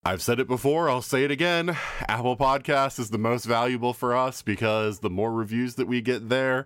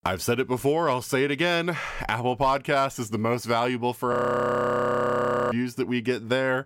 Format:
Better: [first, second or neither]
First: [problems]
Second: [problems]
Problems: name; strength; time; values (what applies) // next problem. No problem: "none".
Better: first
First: none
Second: audio freezing; at 4 s for 1.5 s